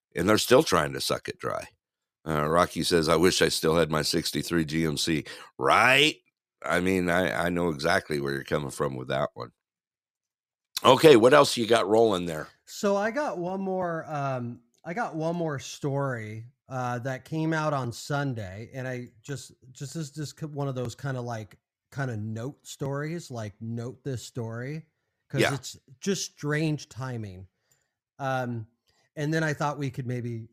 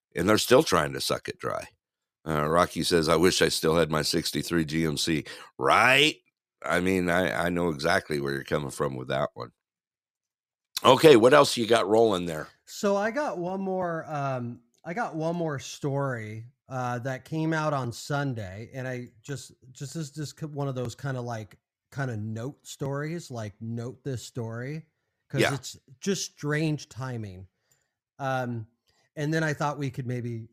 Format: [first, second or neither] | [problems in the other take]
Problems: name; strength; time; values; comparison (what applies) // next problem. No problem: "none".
neither | none